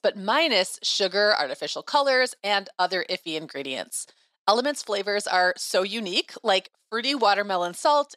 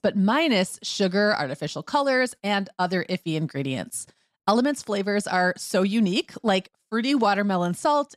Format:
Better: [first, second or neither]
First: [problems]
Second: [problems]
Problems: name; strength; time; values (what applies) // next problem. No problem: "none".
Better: second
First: thin; somewhat; fading below 500 Hz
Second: none